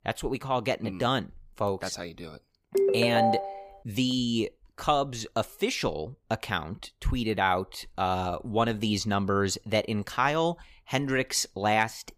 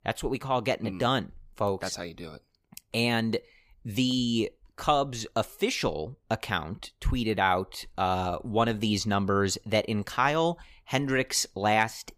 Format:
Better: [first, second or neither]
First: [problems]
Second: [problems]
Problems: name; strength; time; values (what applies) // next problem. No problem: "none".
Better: second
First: phone ringing; loud; at 2.5 s; peak 4 dB above the speech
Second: none